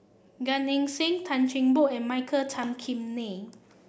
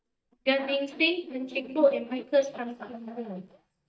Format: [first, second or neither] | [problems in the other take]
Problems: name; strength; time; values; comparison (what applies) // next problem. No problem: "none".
first | noise reduction (neural mask model DeepFilterNet 3)